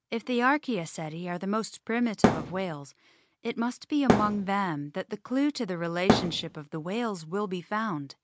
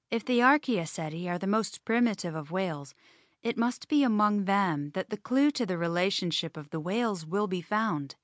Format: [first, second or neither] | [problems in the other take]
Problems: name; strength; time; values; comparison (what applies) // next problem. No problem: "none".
second | background sound (Thump, thud); 5 dB above the speech